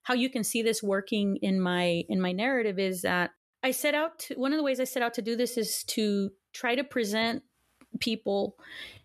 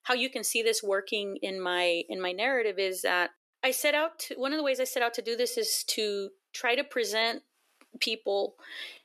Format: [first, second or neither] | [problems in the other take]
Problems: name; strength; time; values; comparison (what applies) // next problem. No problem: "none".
first | thin; somewhat; fading below 350 Hz